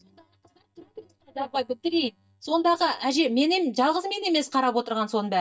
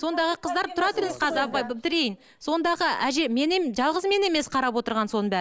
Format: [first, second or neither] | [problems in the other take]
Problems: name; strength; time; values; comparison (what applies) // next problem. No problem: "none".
second | noise reduction (neural mask model DeepFilterNet 3)